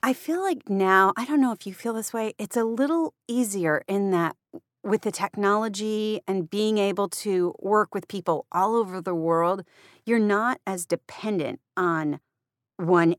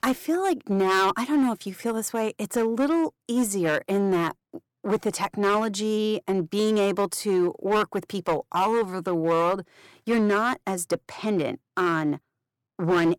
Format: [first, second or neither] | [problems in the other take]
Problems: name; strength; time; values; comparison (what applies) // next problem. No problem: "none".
first | distortion; slight; 7% of the sound clipped